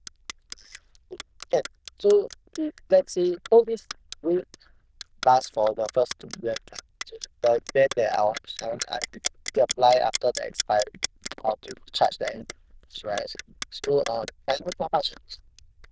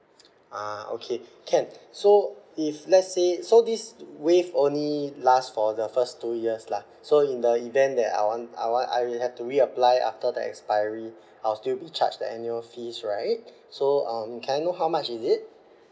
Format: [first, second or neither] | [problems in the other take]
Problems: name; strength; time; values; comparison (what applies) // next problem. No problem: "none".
second | noise reduction (neural diffusion model UNIVERSE++)